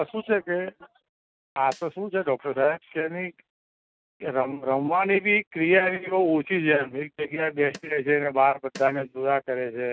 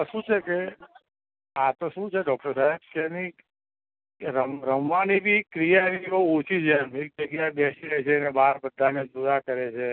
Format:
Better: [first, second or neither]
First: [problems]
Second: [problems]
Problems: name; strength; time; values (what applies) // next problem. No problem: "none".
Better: second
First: noise reduction (neural mask model RNNoise)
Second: none